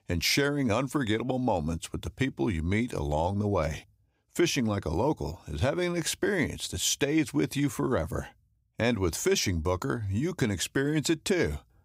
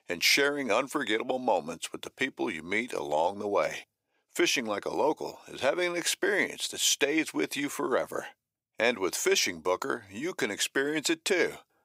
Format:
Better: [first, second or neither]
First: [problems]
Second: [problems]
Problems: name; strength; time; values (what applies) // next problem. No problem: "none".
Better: first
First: none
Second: thin; somewhat; fading below 450 Hz